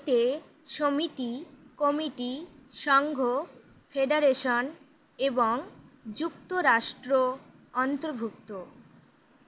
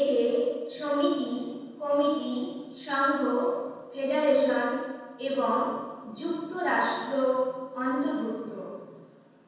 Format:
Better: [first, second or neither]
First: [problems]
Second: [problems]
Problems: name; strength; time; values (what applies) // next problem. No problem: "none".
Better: first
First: none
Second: room echo; dies away in 1.2 s